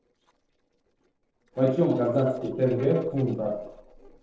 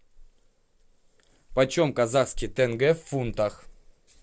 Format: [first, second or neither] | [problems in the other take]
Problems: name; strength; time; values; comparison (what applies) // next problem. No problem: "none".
second | noise reduction (neural separator model SepFormer DNS4)